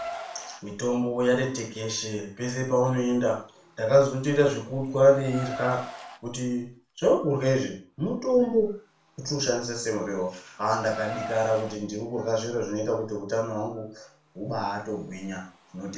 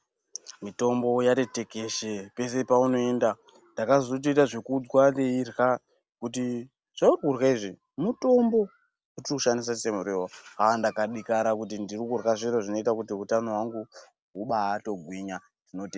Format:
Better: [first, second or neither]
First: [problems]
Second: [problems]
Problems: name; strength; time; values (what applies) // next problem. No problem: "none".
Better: second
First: background sound (Car); 17 dB below the speech // room echo; dies away in 0.3 s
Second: none